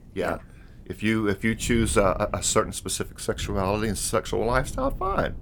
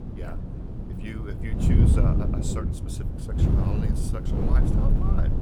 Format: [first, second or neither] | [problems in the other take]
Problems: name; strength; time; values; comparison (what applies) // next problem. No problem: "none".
first | wind noise on the microphone; heavy; 4 dB above the speech; occasional gusts in the first